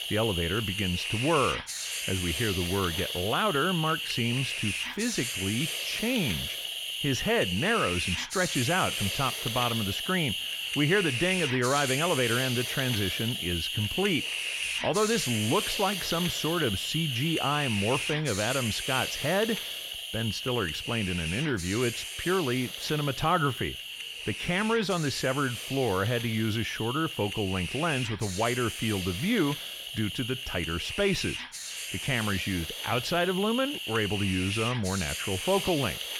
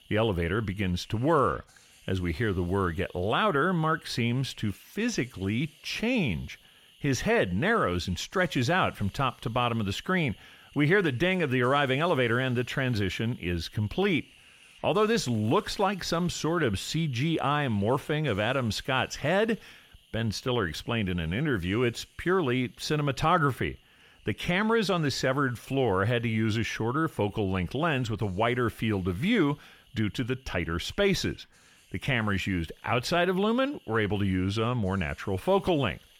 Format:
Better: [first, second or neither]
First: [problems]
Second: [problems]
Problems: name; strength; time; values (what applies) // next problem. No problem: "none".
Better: second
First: hiss; loud; throughout; 3 dB below the speech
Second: hiss; faint; throughout; 30 dB below the speech